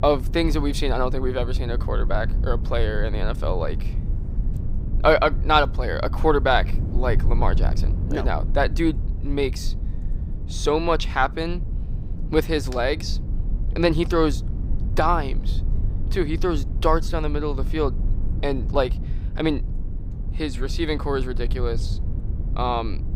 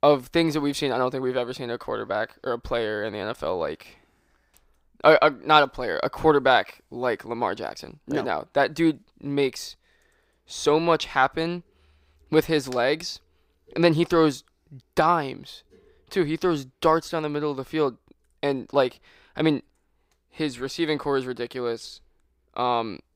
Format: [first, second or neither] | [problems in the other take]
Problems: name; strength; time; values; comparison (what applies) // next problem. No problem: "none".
second | low rumble; noticeable; throughout; 20 dB below the speech